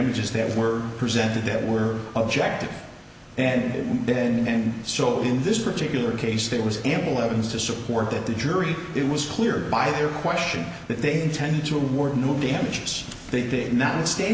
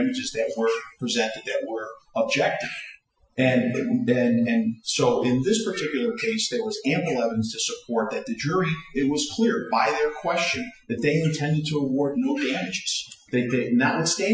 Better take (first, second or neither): first